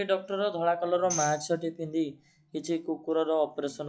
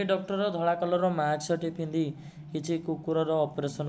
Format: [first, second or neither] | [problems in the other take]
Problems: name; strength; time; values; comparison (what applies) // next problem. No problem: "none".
second | noise reduction (classical method log-MMSE)